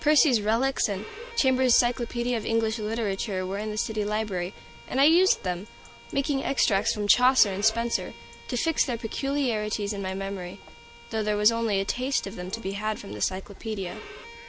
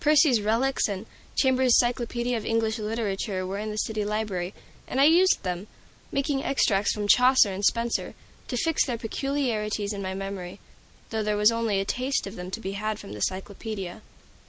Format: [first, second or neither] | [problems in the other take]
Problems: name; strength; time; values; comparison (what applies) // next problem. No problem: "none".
second | background sound (Bowed string instrument + Bark / Chatter / Chirp, tweet / Livestock, farm animals, working animals); 19 dB below the speech